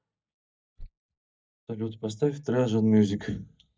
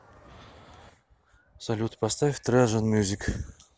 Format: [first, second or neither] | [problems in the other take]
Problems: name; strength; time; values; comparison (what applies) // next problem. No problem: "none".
second | noise reduction (neural mask model DeepFilterNet 3)